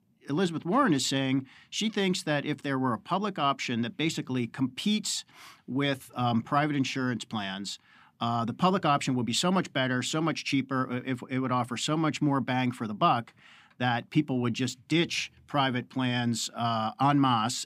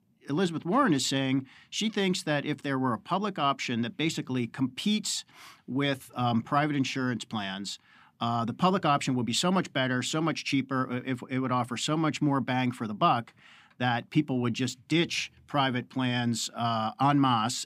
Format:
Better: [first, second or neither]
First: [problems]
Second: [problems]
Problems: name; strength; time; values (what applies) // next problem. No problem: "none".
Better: neither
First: none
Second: none